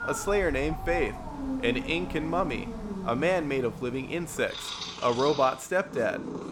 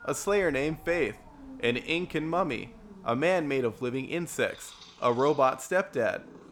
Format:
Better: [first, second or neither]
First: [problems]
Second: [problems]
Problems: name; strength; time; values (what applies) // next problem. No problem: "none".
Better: second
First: animal sounds; loud; throughout; 8 dB below the speech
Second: animal sounds; faint; throughout; 20 dB below the speech